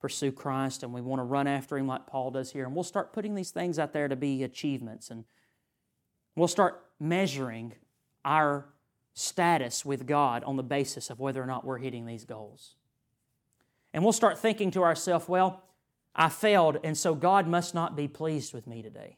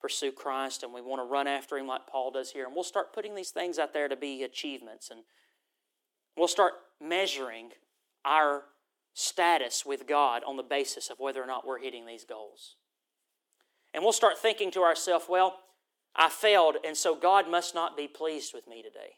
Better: first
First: none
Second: thin; somewhat; fading below 350 Hz

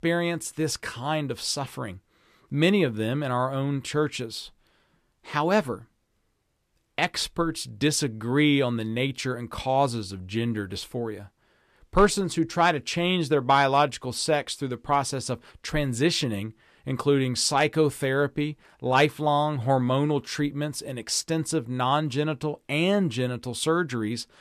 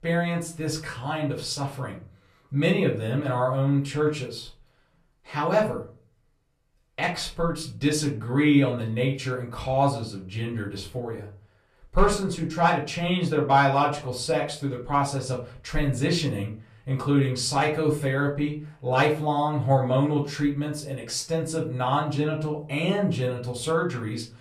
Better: first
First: none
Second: off-mic speech; far // room echo; slight; dies away in 0.4 s

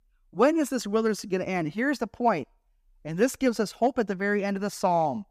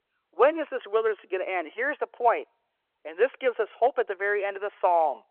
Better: first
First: none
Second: phone-call audio

